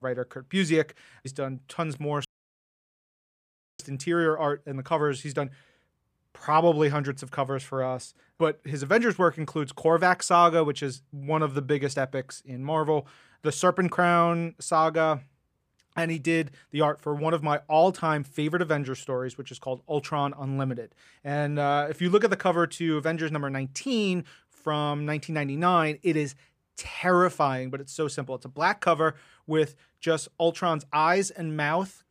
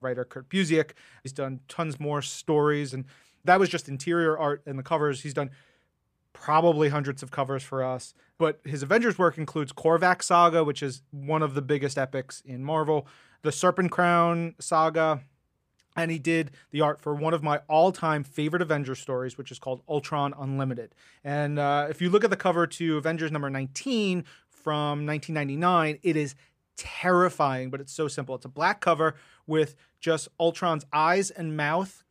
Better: second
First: audio cutting out; at 2.5 s for 1.5 s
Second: none

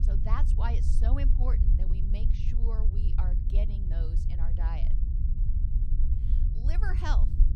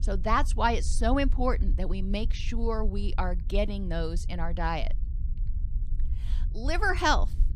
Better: second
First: low rumble; loud; throughout; 6 dB below the speech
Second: low rumble; faint; throughout; 25 dB below the speech

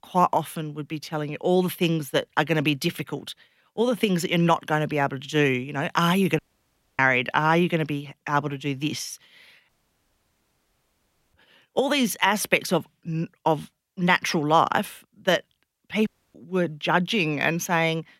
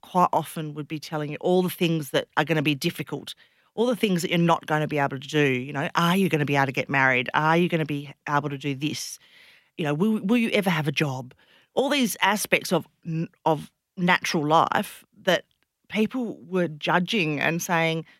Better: second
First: audio cutting out; at 6.5 s for 0.5 s, at 9.5 s for 1.5 s and at 16 s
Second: none

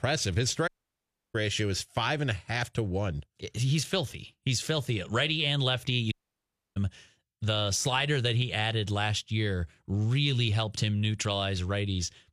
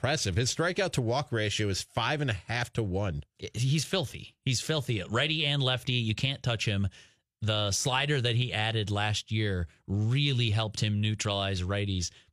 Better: second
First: audio cutting out; at 0.5 s for 0.5 s and at 6 s for 0.5 s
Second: none

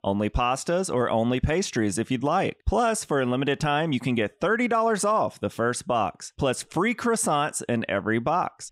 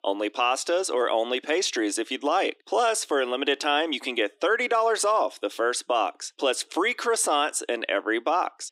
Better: first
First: none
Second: thin; somewhat; fading below 300 Hz

